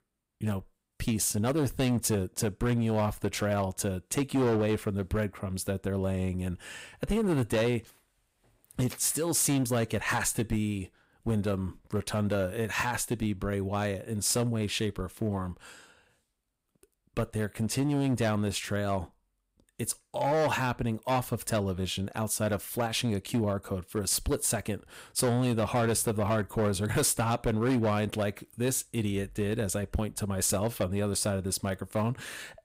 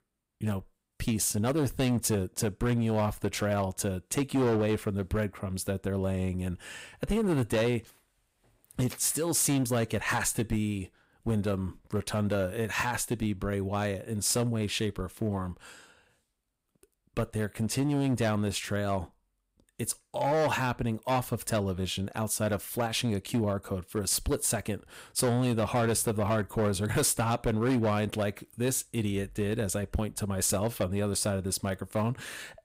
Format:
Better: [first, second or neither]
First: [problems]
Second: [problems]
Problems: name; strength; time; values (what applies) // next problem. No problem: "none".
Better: neither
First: distortion; slight; 8% of the sound clipped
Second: distortion; slight; 8% of the sound clipped